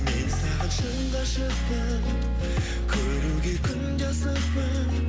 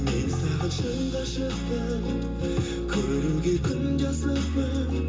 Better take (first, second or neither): first